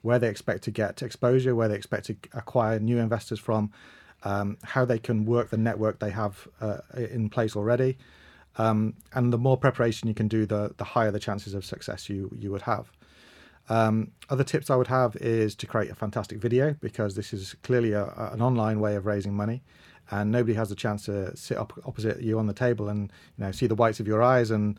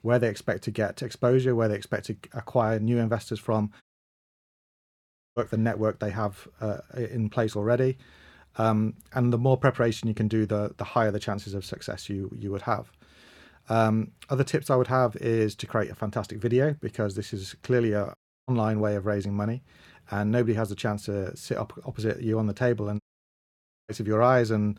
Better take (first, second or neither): first